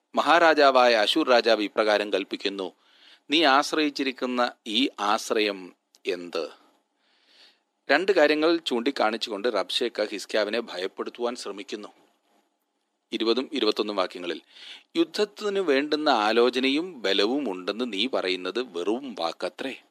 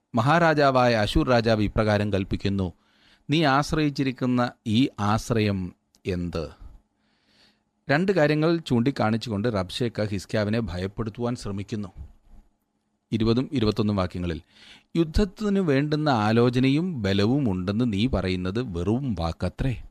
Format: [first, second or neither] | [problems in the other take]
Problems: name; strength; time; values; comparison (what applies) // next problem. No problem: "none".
second | thin; somewhat; fading below 300 Hz